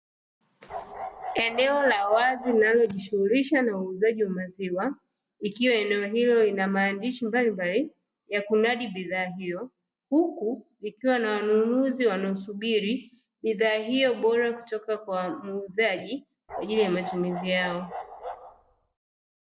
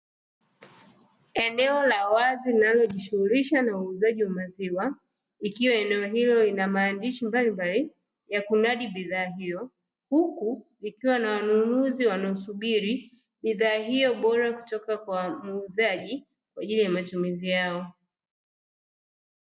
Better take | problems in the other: second | background sound (Bark); 12 dB below the speech

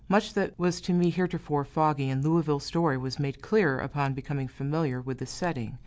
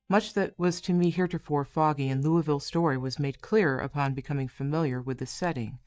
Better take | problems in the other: first | noise reduction (neural mask model DeepFilterNet 3)

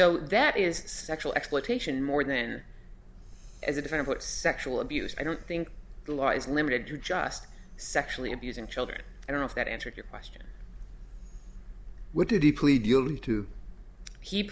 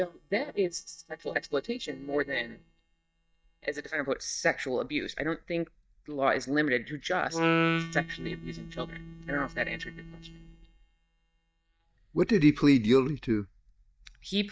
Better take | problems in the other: first | noise reduction (neural mask model DeepFilterNet 3)

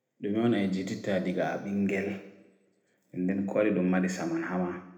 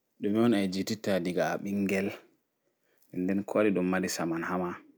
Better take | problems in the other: second | room echo; dies away in 0.9 s

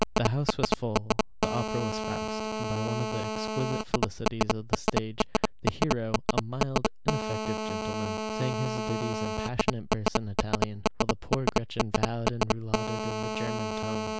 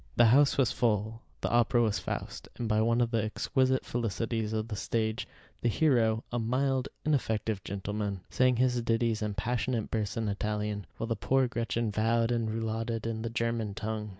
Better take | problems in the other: second | background sound (Telephone); 4 dB above the speech

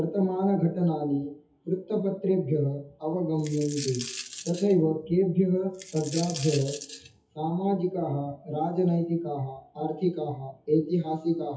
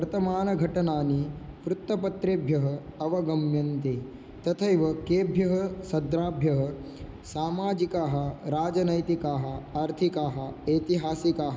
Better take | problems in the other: second | noise reduction (classical method WPE with log-MMSE)

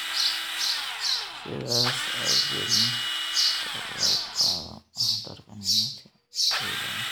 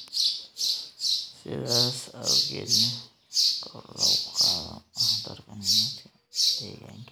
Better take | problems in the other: second | background sound (Drill); 5 dB below the speech

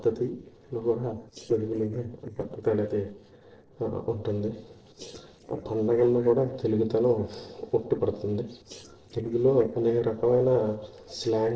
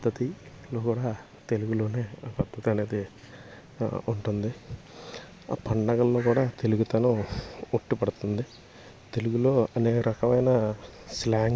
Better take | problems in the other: second | noise reduction (neural separator model SepFormer DNS4)

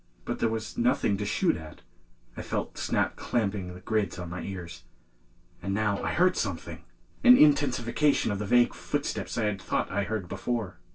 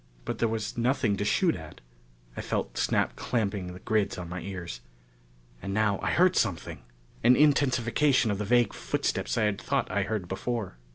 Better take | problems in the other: second | noise reduction (neural separator model SepFormer DNS4)

